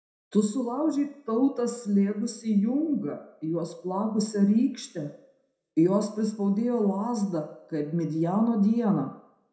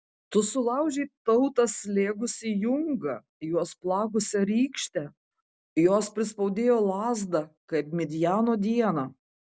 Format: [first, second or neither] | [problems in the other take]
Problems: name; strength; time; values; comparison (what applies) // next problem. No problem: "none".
second | room echo; dies away in 0.5 s